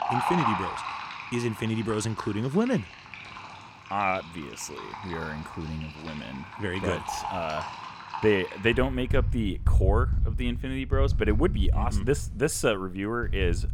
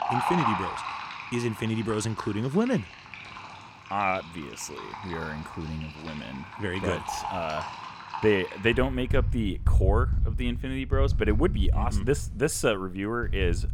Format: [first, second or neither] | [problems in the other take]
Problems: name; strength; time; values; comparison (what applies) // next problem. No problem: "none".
neither | household noises; loud; throughout; 3 dB below the speech; the same in both